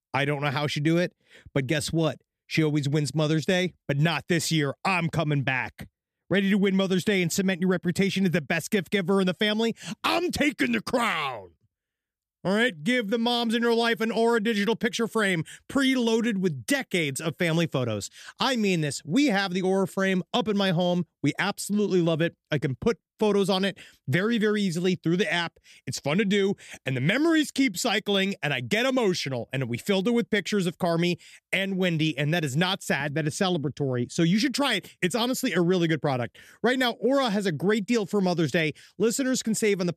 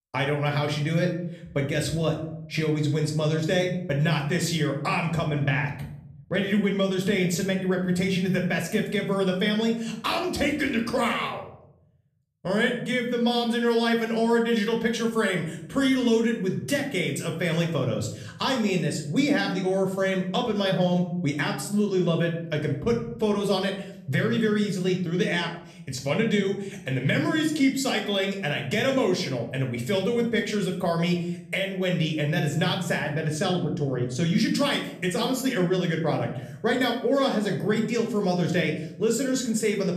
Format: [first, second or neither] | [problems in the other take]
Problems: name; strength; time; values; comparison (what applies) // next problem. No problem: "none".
first | room echo; slight; dies away in 0.7 s // off-mic speech; somewhat distant